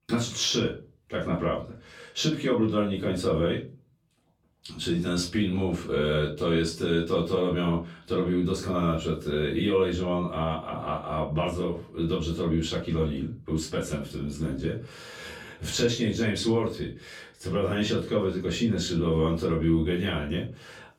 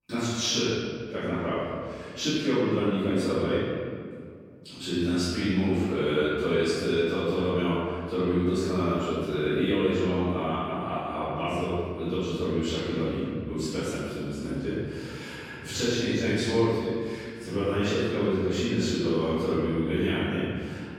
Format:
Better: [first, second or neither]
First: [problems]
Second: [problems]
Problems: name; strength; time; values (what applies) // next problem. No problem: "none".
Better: first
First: room echo; slight; dies away in 0.3 s // off-mic speech; far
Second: room echo; strong; dies away in 2 s // off-mic speech; far